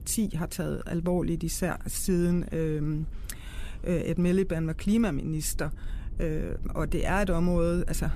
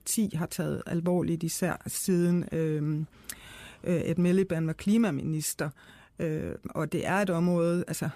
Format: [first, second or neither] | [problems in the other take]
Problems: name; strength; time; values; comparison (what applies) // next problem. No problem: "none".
second | low rumble; faint; throughout; 25 dB below the speech